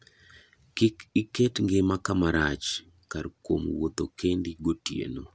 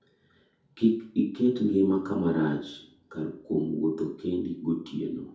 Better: first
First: none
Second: room echo; dies away in 0.5 s

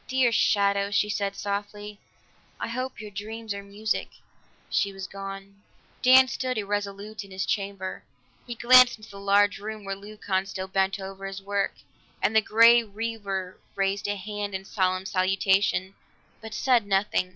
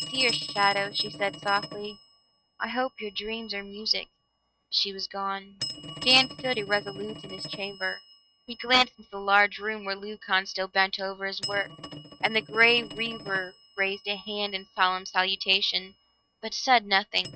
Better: first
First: none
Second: noise reduction (neural mask model RNNoise)

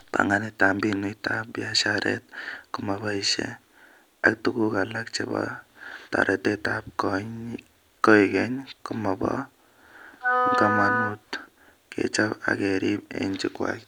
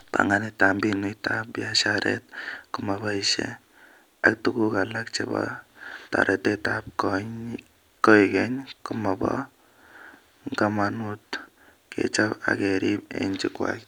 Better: second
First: background sound (Wind instrument, woodwind instrument); 1 dB above the speech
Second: none

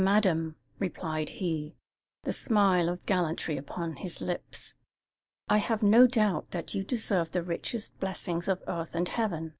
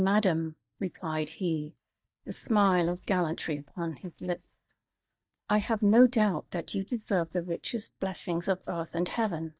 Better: first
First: none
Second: noise reduction (neural mask model DeepFilterNet 3)

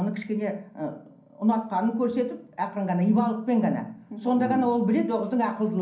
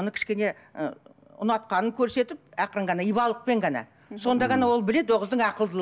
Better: second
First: room echo; dies away in 0.6 s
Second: none

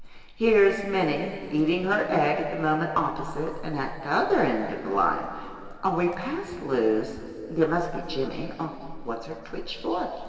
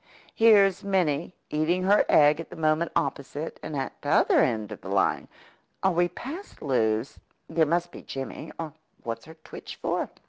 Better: second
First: background sound (Livestock, farm animals, working animals); 14 dB below the speech // room echo; dies away in 2.5 s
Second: none

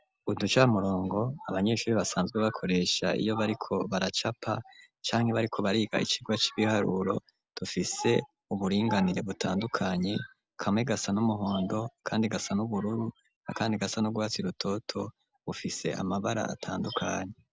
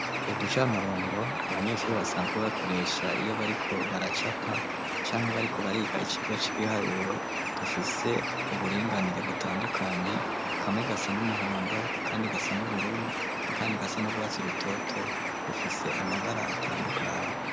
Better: first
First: none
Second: background sound (Bird); 1 dB above the speech

